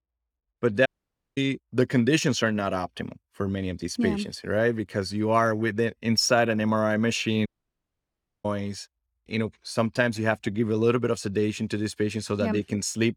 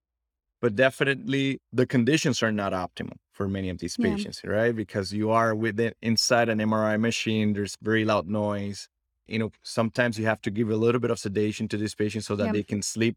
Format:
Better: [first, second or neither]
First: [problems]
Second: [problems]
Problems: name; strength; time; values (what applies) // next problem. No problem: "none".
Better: second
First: audio cutting out; at 1 s for 0.5 s and at 7.5 s for 1 s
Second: none